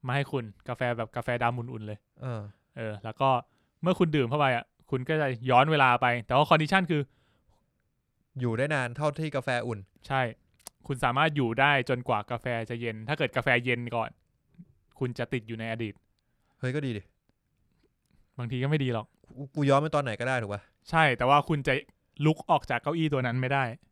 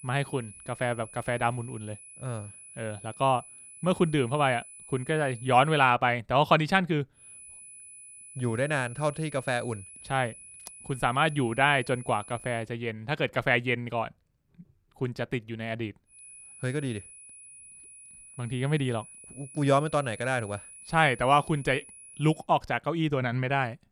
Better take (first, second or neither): first